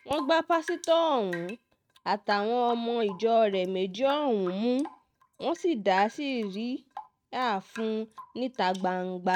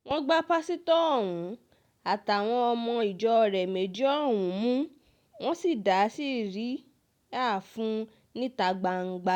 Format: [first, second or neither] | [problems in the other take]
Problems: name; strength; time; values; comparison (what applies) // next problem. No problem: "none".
second | noise reduction (neural mask model RNNoise)